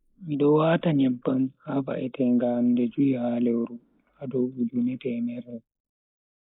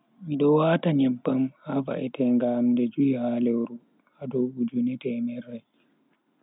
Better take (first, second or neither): second